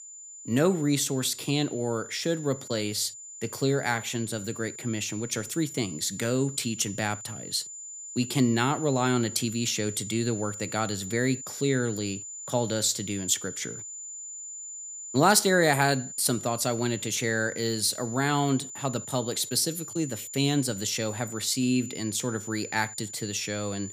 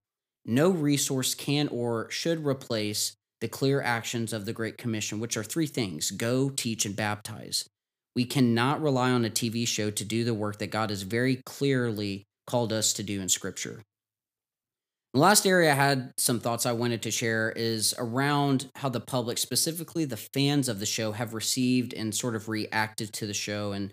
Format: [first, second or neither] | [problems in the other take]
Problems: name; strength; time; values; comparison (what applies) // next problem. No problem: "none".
second | high-pitched whine; noticeable; throughout; 7 kHz, 10 dB below the speech